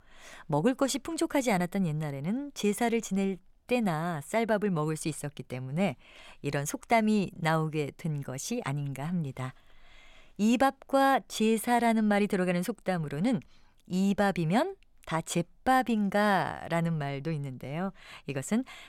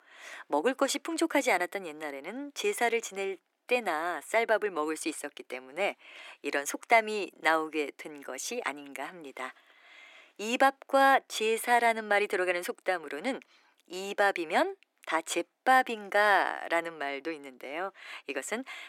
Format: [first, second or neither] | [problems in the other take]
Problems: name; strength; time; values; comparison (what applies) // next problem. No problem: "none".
first | thin; somewhat; fading below 300 Hz